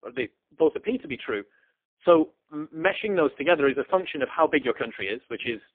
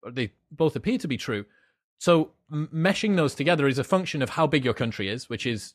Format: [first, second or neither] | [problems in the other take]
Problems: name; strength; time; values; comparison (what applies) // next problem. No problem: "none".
second | phone-call audio; poor line; nothing above 3.5 kHz